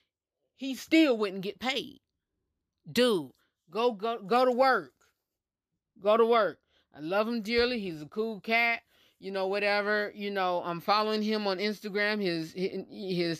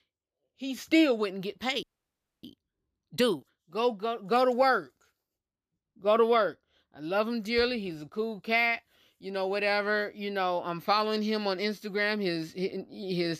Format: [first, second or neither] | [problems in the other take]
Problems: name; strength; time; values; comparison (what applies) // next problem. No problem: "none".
first | audio freezing; at 2 s for 0.5 s